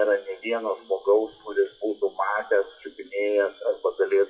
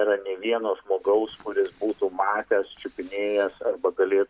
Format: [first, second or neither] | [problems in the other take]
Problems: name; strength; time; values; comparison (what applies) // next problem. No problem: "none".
second | noise reduction (classical method WPE with log-MMSE)